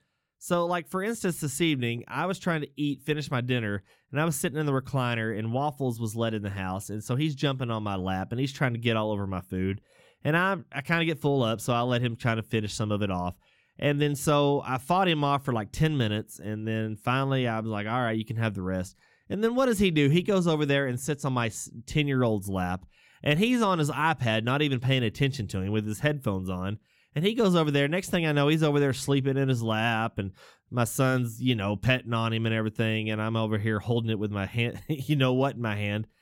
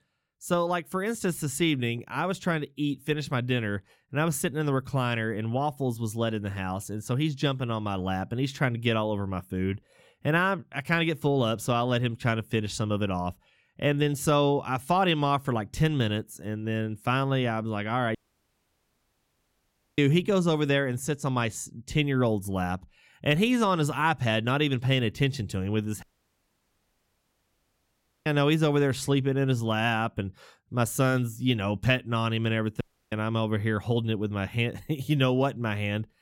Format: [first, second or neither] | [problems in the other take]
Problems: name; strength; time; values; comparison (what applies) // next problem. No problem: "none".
first | audio cutting out; at 18 s for 2 s, at 26 s for 2 s and at 33 s